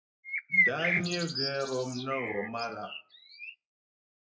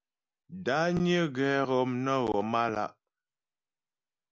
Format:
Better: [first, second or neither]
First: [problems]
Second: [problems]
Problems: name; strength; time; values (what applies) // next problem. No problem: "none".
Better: second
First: noise reduction (classical method WPE with log-MMSE)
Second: none